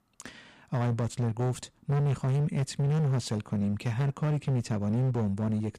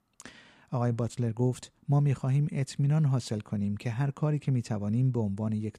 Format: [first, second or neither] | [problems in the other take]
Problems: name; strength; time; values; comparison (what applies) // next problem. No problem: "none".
second | distortion; slight; 22% of the sound clipped